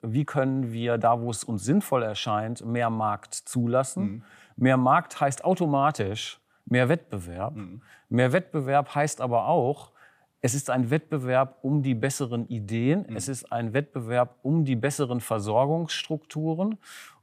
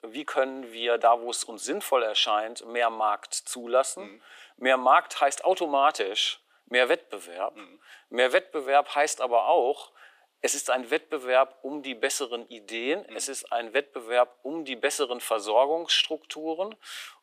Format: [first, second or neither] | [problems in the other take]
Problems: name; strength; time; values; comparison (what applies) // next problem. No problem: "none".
first | thin; very; fading below 350 Hz